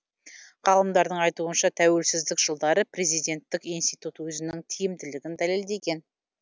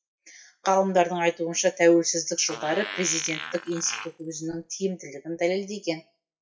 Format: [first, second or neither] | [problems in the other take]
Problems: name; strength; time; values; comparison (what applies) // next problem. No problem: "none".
first | noise reduction (classical method WPE with log-MMSE)